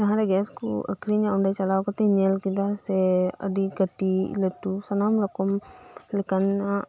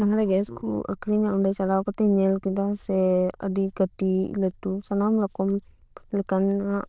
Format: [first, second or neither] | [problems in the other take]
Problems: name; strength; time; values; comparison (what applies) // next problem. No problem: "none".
first | noise reduction (neural diffusion model UNIVERSE++)